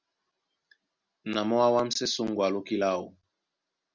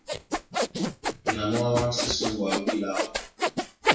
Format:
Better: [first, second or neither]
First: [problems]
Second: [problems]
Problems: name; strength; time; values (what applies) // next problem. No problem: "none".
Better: first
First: none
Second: noise reduction (classical method WPE with log-MMSE)